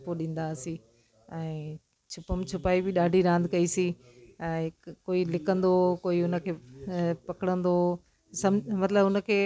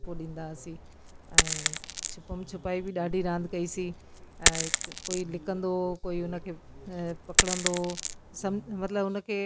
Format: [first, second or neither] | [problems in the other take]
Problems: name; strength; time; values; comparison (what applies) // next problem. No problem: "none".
first | background sound (Coin (dropping)); 2 dB above the speech